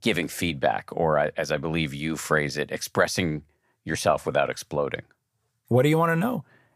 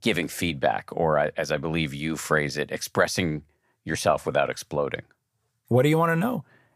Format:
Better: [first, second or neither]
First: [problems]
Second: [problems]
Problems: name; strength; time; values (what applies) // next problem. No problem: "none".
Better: neither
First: none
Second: none